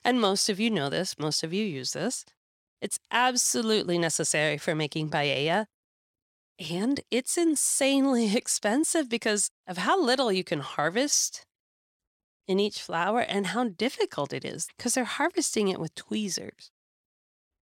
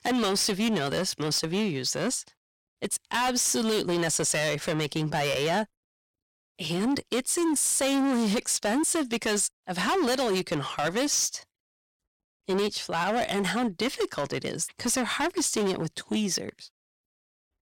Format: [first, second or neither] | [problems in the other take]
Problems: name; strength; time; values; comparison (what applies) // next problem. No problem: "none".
first | distortion; heavy; 18% of the sound clipped